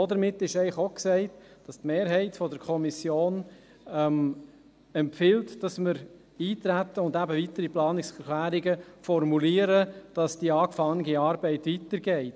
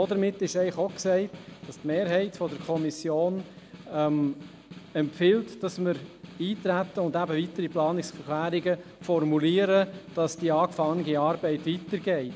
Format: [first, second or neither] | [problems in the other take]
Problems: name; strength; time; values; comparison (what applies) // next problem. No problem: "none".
first | background sound (Snare drum); 19 dB below the speech